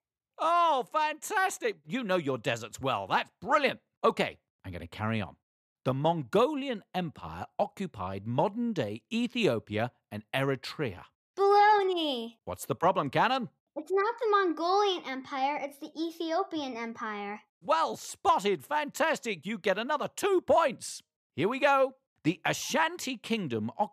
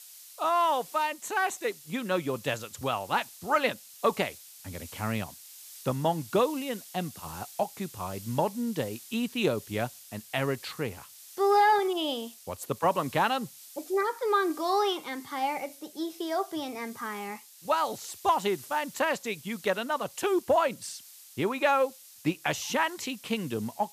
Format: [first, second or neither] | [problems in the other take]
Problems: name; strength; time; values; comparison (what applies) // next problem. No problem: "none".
first | hiss; noticeable; throughout; 15 dB below the speech